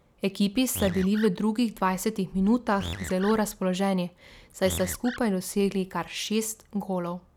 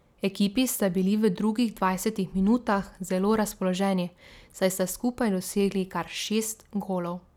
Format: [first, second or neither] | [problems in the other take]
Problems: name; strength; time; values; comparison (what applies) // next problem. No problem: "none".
second | background sound (Animal); 11 dB below the speech